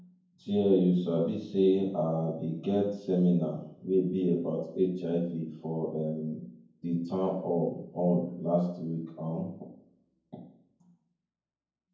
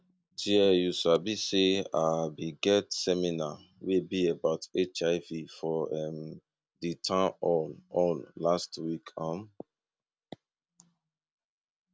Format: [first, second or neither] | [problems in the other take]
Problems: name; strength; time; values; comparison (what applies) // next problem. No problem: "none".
second | room echo; dies away in 0.9 s